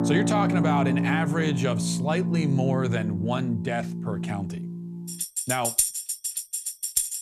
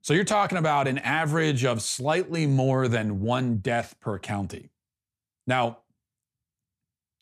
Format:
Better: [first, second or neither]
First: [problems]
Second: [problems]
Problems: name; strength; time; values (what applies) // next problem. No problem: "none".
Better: second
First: background music; very loud; throughout; 1 dB above the speech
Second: none